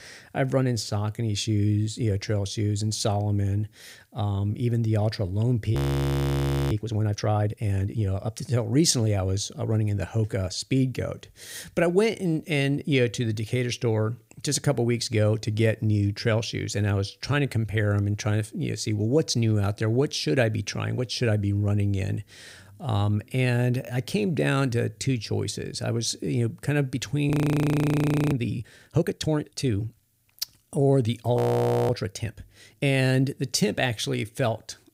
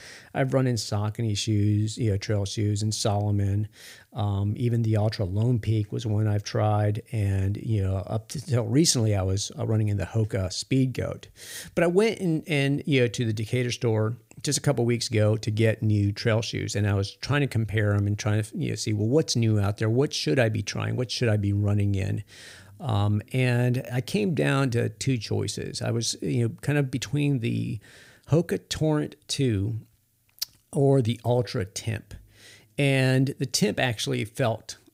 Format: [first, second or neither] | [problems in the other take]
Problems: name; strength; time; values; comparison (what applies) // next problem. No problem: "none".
second | audio freezing; at 6 s for 1 s, at 27 s for 1 s and at 31 s for 0.5 s